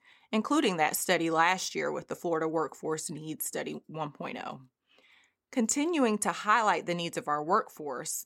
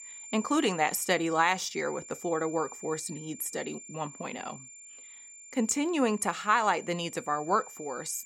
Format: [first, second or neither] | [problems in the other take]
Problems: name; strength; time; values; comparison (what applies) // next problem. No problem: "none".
first | high-pitched whine; noticeable; throughout; 7 kHz, 15 dB below the speech